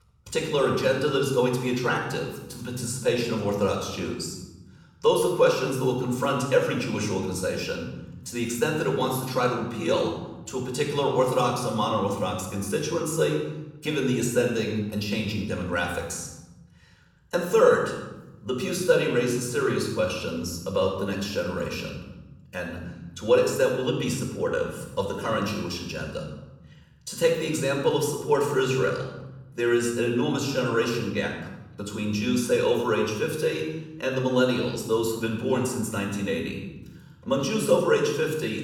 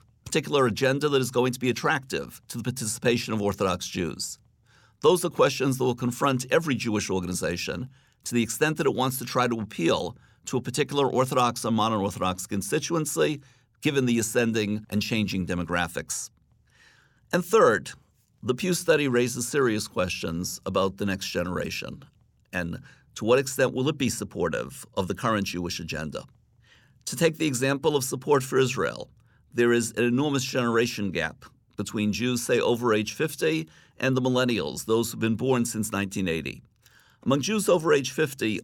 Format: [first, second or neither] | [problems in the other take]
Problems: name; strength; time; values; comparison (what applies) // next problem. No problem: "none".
second | off-mic speech; far // room echo; noticeable; dies away in 1 s